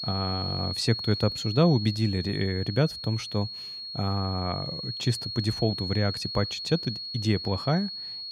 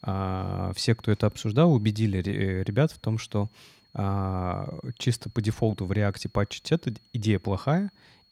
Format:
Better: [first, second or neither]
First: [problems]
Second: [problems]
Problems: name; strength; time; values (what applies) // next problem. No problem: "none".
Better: second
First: high-pitched whine; loud; throughout; 4.5 kHz, 5 dB below the speech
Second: high-pitched whine; faint; throughout; 4.5 kHz, 30 dB below the speech